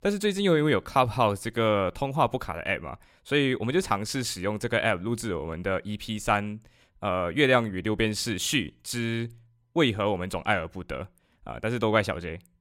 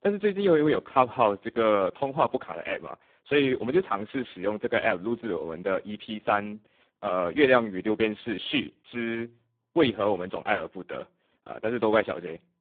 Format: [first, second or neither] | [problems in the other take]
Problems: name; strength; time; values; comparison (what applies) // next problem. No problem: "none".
first | phone-call audio; poor line